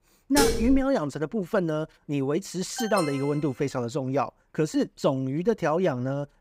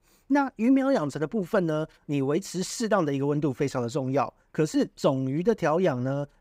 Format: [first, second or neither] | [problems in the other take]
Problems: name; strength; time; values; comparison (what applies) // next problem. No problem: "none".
second | clattering dishes; loud; at 0.5 s; peak 3 dB above the speech // alarm; noticeable; at 3 s; peak 6 dB below the speech